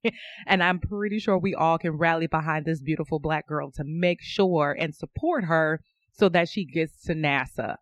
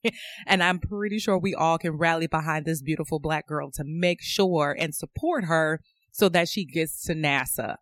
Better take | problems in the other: second | muffled; slightly; fading above 3 kHz

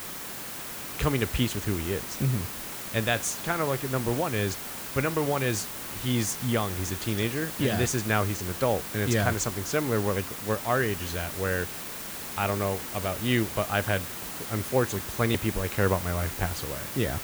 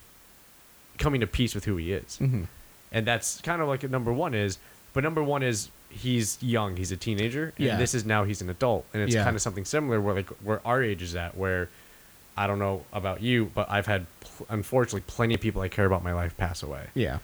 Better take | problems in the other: second | hiss; loud; throughout; 6 dB below the speech; faint in the second

